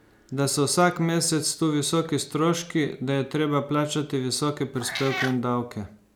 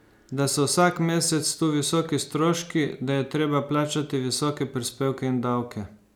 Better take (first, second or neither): second